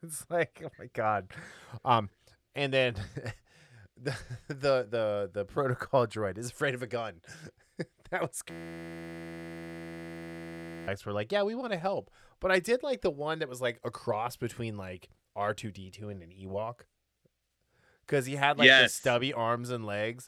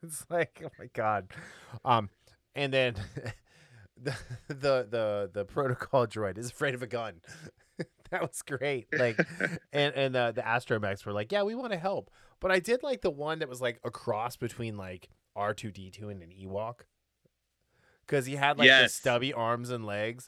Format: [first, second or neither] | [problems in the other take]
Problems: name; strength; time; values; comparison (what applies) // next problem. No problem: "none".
second | audio freezing; at 8.5 s for 2.5 s